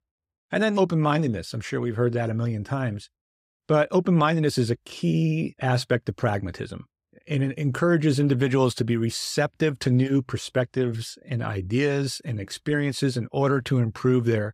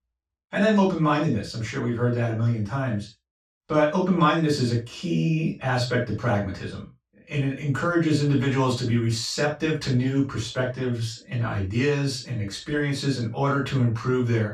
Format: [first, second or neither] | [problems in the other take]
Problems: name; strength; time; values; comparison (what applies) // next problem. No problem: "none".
first | room echo; noticeable; dies away in 0.2 s // off-mic speech; far